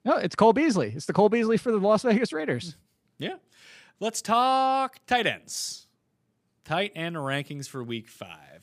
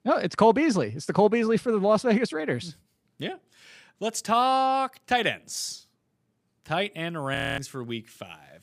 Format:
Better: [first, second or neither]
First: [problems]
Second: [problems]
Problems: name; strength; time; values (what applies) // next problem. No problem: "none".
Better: first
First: none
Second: audio freezing; at 7.5 s